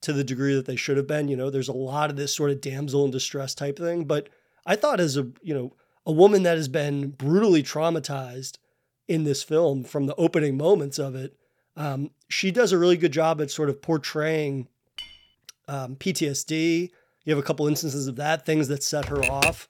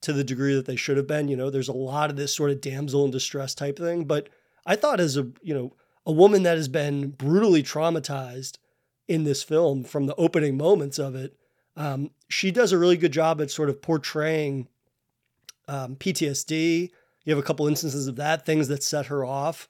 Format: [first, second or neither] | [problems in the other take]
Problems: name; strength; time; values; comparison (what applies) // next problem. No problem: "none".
second | clattering dishes; faint; at 15 s; peak 15 dB below the speech // keyboard typing; loud; at 19 s; peak 2 dB above the speech